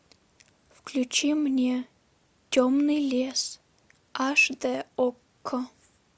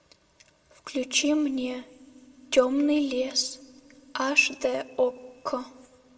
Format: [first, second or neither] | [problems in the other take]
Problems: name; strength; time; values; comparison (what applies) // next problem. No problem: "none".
first | room echo; dies away in 0.8 s